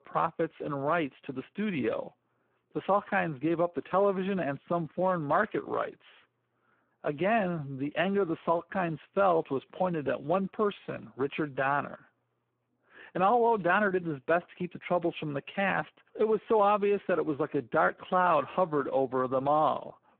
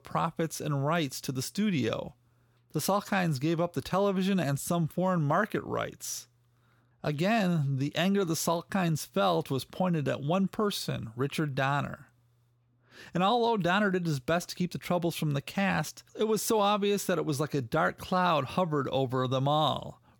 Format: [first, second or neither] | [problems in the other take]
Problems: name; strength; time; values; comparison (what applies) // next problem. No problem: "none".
second | phone-call audio; poor line